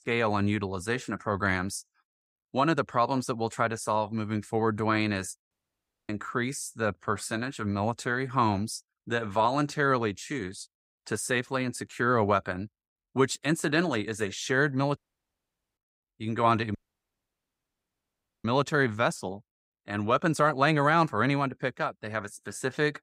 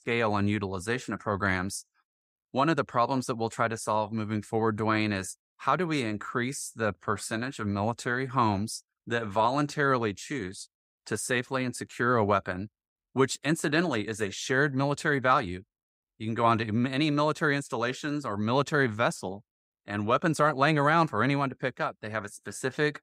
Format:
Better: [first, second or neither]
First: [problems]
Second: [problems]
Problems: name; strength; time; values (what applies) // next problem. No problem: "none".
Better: second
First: audio cutting out; at 5.5 s for 0.5 s, at 15 s for 1 s and at 17 s for 1.5 s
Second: none